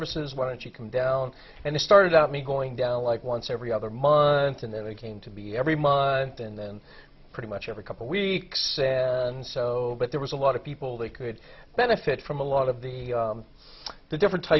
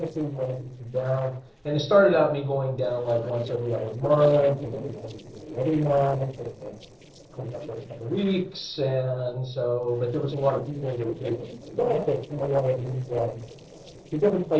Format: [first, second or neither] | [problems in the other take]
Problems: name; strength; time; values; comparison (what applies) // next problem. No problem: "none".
first | noise reduction (neural separator model SepFormer DNS4)